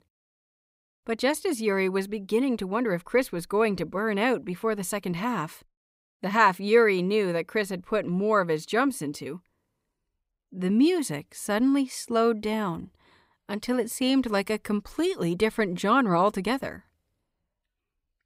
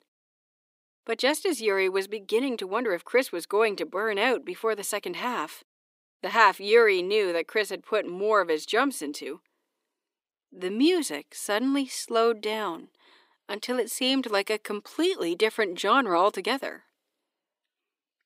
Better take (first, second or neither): first